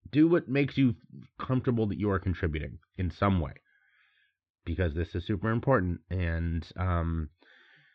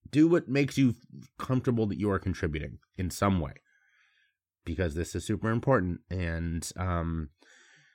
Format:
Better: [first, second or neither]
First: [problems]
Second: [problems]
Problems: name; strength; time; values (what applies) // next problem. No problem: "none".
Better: second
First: muffled; slightly; fading above 4 kHz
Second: none